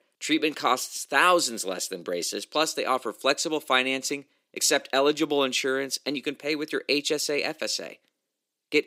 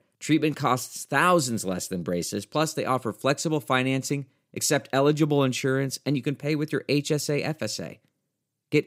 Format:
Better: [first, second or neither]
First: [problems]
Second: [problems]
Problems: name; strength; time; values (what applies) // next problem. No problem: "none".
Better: second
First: thin; somewhat; fading below 300 Hz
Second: none